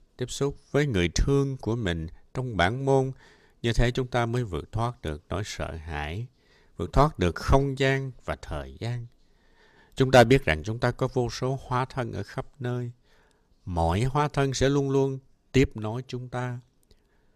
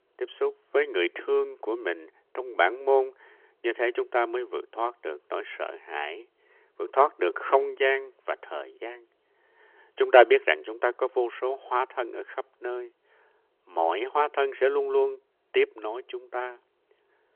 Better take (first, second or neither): first